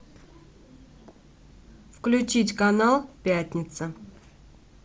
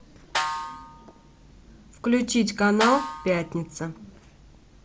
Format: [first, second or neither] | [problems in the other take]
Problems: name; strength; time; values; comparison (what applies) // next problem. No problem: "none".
first | background sound (Snare drum); 7 dB below the speech